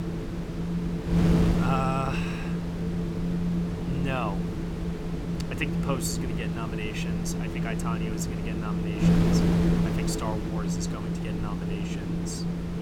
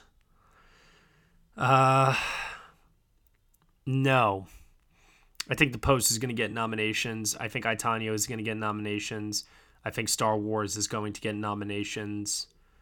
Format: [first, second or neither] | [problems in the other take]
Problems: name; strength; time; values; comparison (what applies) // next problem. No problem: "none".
second | wind noise on the microphone; heavy; as loud as the speech